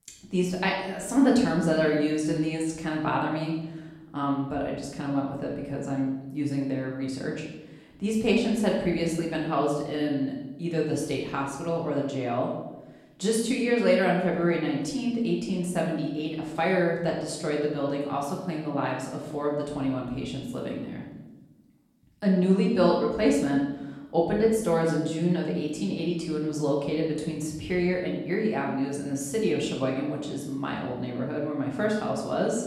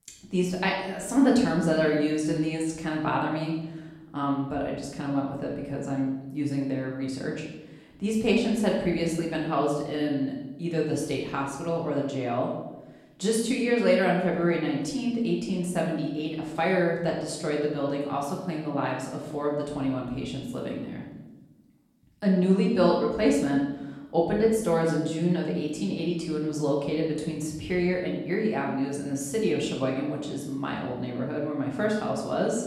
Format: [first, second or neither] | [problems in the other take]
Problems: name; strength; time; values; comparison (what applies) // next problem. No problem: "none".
neither | room echo; noticeable; dies away in 0.9 s; the same in both // off-mic speech; far; the same in both